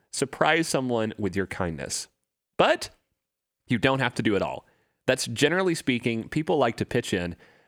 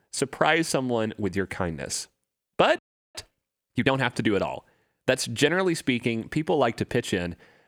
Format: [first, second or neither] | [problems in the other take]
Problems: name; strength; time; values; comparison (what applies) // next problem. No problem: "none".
first | audio freezing; at 3 s